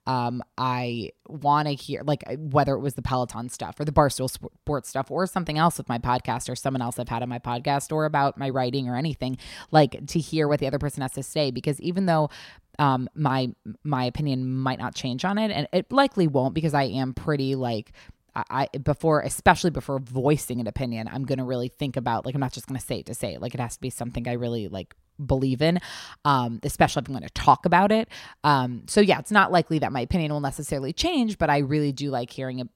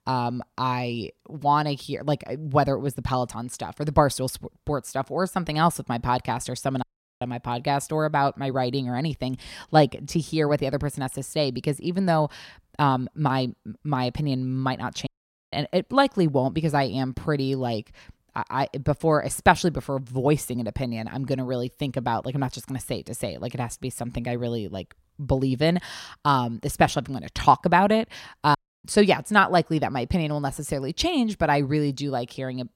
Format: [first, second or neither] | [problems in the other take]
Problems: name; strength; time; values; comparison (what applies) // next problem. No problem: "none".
first | audio cutting out; at 7 s, at 15 s and at 29 s